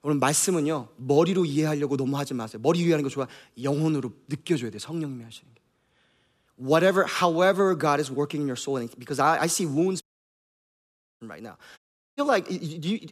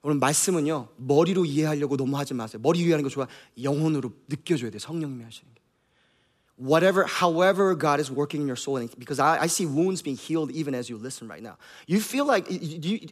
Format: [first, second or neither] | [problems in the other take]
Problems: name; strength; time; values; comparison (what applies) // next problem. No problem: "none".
second | audio cutting out; at 10 s for 1 s and at 12 s